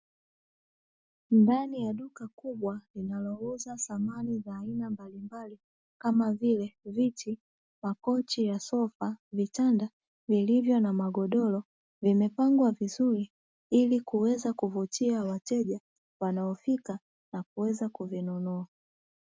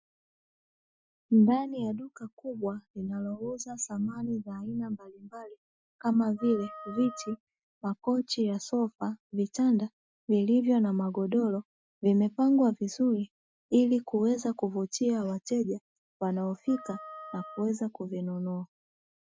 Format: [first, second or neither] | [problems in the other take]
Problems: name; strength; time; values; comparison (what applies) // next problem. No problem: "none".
first | noise reduction (classical method Wiener filter)